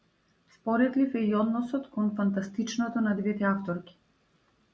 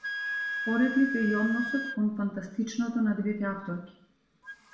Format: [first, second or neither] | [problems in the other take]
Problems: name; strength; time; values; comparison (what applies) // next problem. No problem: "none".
first | background sound (Wind instrument, woodwind instrument); 8 dB below the speech // room echo; dies away in 0.7 s